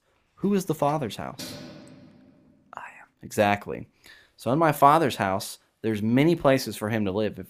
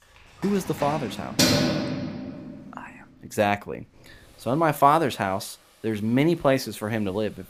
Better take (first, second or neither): first